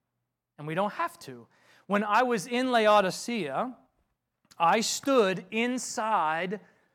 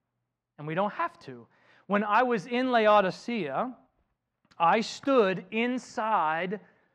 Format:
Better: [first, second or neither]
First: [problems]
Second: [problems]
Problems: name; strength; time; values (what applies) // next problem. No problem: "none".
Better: first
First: none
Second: muffled; slightly; fading above 3.5 kHz